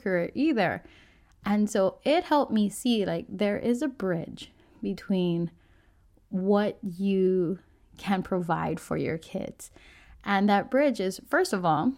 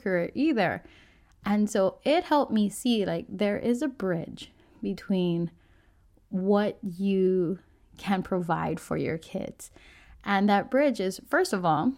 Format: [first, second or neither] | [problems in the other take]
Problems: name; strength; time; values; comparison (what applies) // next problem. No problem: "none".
neither | none